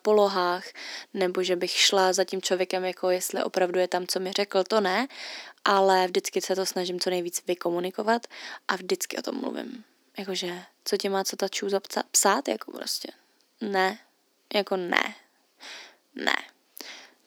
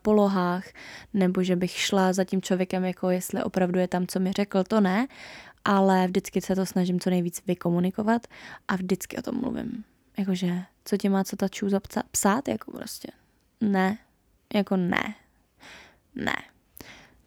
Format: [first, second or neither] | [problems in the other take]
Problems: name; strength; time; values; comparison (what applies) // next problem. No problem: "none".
second | thin; somewhat; fading below 300 Hz